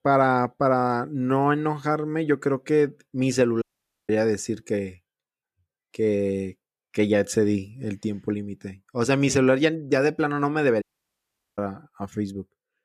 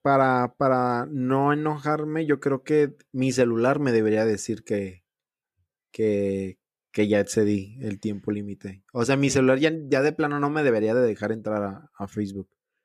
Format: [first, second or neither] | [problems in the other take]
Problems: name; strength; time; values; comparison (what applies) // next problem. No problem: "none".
second | audio cutting out; at 3.5 s and at 11 s for 1 s